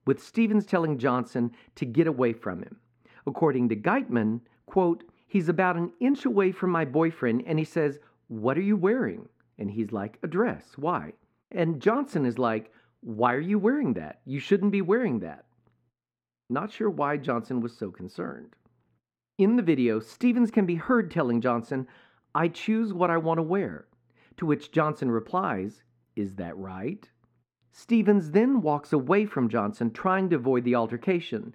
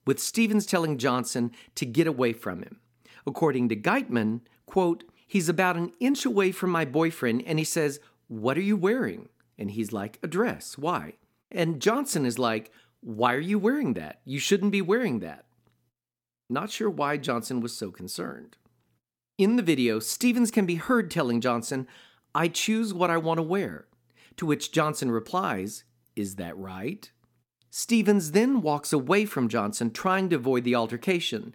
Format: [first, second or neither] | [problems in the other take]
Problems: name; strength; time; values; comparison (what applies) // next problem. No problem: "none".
second | muffled; very; fading above 4 kHz